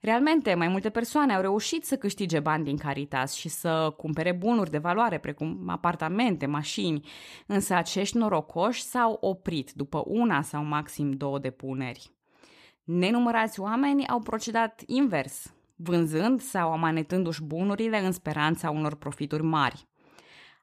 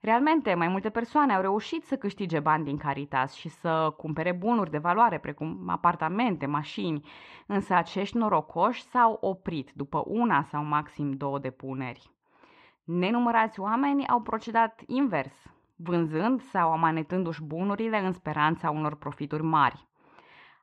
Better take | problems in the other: first | muffled; very; fading above 2.5 kHz

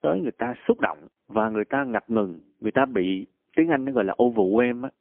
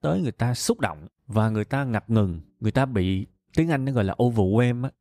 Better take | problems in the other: second | phone-call audio; poor line; nothing above 3.5 kHz

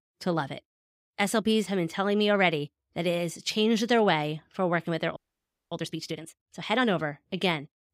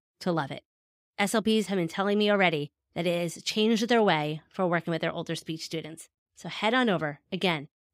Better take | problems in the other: second | audio freezing; at 5 s for 0.5 s

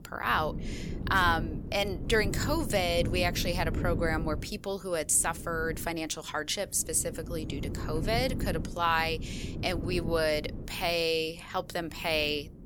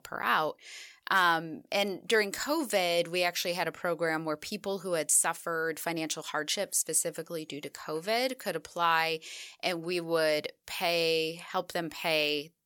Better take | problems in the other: second | wind noise on the microphone; occasional gusts; 15 dB below the speech

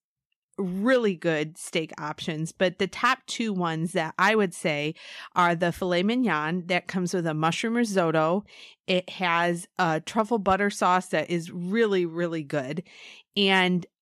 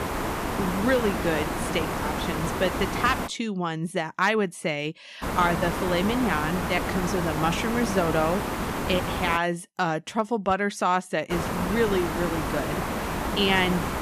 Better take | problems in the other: first | hiss; loud; until 3.5 s, from 5 to 9.5 s and from 11 s on; 3 dB below the speech

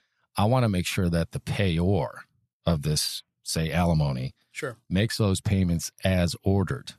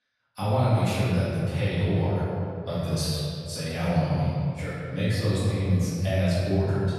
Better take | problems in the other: first | off-mic speech; far // room echo; strong; dies away in 2.2 s

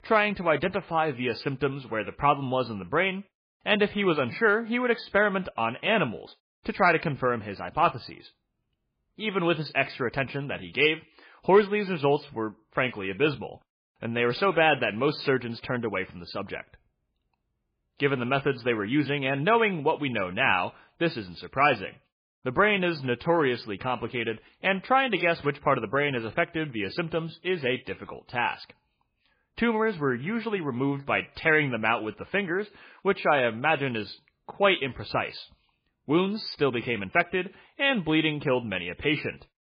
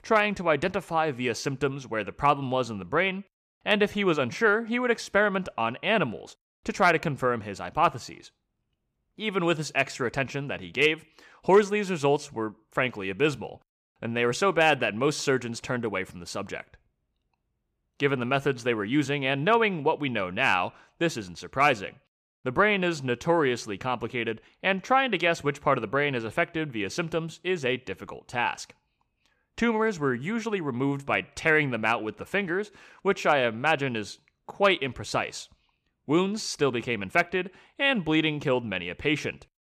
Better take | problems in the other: second | garbled, watery; badly; nothing above 4.5 kHz

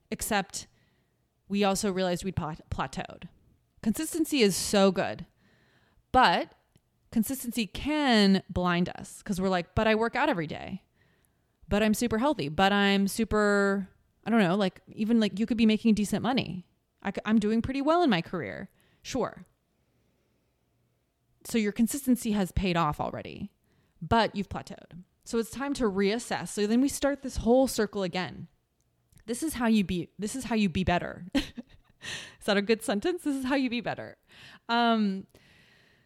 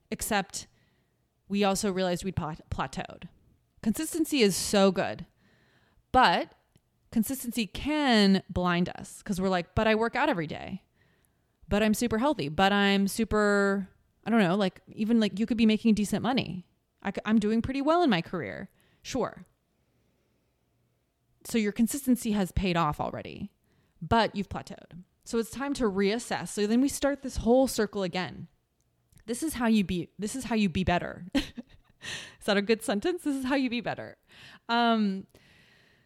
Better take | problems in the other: neither | none

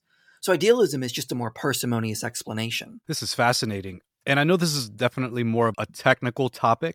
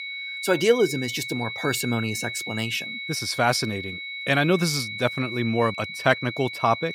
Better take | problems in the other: first | high-pitched whine; loud; throughout; 2 kHz, 7 dB below the speech

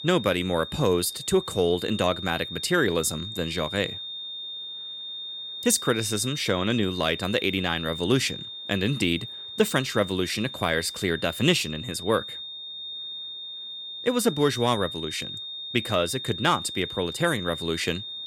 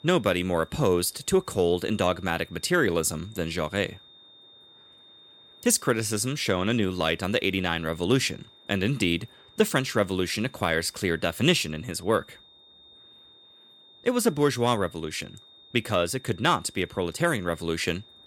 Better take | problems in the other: second | high-pitched whine; loud; throughout; 3.5 kHz, 8 dB below the speech; faint in the second

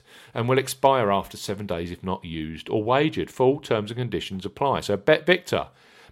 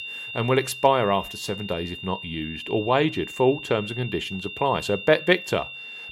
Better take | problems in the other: first | high-pitched whine; noticeable; throughout; 3 kHz, 10 dB below the speech

